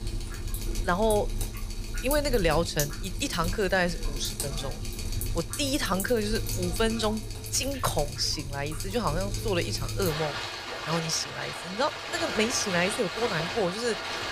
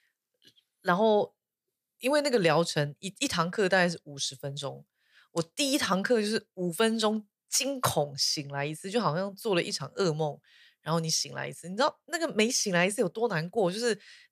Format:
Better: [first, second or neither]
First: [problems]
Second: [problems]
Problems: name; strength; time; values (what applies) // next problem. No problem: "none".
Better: second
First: rain or running water; loud; throughout; 5 dB below the speech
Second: none